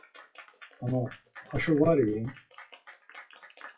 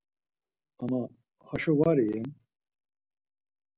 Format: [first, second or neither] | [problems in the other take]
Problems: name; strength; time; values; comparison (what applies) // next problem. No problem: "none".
second | noise reduction (classical method WPE with log-MMSE)